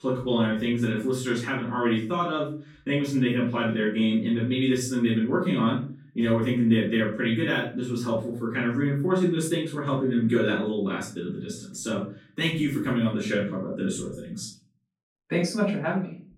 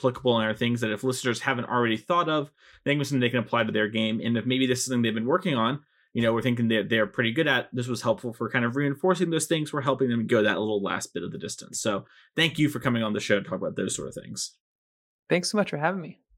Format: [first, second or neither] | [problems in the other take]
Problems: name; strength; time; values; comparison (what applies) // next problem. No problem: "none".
second | off-mic speech; far // room echo; noticeable; dies away in 0.4 s